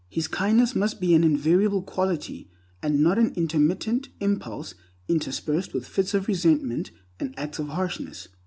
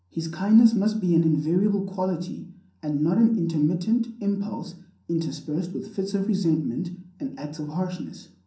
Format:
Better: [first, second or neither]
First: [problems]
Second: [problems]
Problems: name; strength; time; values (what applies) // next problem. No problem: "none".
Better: first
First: none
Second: room echo; dies away in 0.6 s